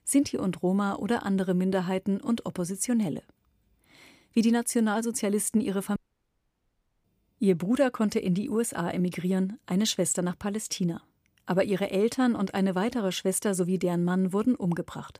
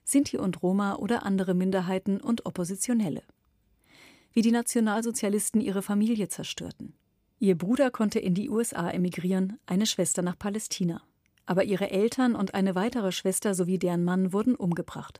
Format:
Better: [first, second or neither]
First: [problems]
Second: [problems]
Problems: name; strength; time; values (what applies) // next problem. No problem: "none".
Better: second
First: audio cutting out; at 6 s for 1 s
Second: none